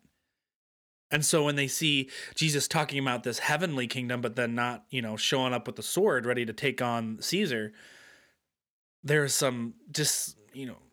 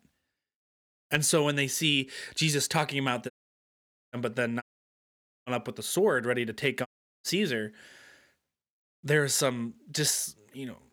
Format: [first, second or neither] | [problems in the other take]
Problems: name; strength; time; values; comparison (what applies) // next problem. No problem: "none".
first | audio cutting out; at 3.5 s for 1 s, at 4.5 s for 1 s and at 7 s